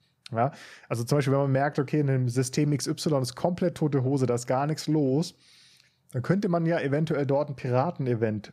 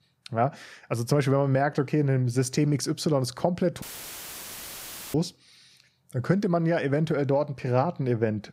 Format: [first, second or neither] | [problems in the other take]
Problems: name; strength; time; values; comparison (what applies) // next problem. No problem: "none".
first | audio cutting out; filled with static; at 4 s for 1.5 s